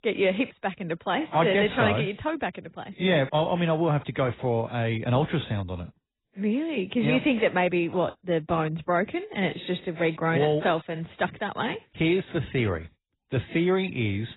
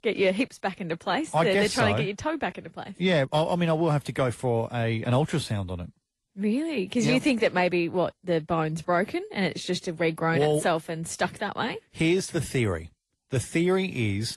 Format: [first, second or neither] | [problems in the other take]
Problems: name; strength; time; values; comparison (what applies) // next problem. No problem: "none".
second | garbled, watery; badly; nothing above 4 kHz; slightly in the second